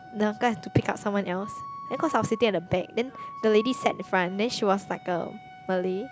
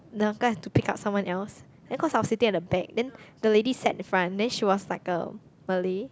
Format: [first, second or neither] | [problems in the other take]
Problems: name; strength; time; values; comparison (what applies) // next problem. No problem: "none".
second | background sound (Wind instrument, woodwind instrument); 15 dB below the speech